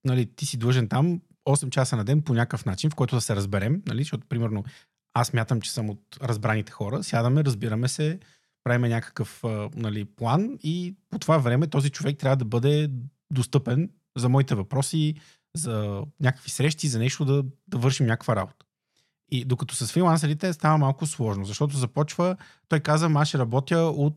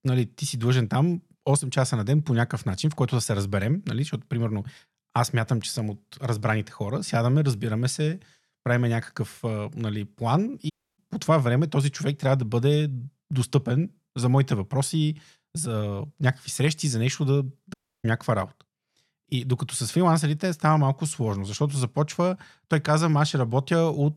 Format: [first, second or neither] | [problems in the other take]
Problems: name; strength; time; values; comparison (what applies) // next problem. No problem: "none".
first | audio cutting out; at 11 s and at 18 s